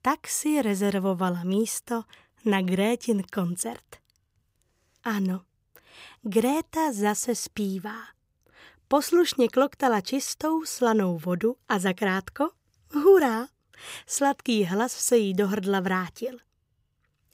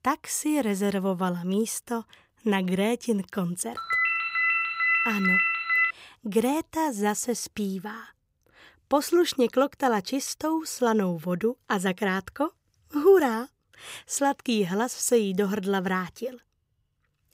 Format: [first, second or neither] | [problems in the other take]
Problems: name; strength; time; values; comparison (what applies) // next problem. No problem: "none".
first | phone ringing; loud; from 4 to 6 s; peak 5 dB above the speech